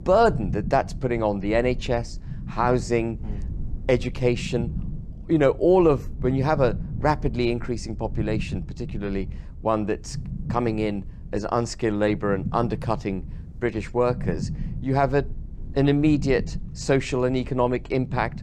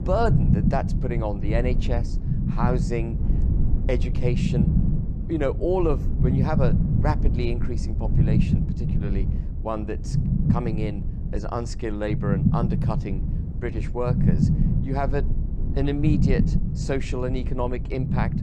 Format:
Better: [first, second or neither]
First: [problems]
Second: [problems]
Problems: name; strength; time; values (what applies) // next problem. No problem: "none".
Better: first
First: low rumble; faint; throughout; 20 dB below the speech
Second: low rumble; loud; throughout; 5 dB below the speech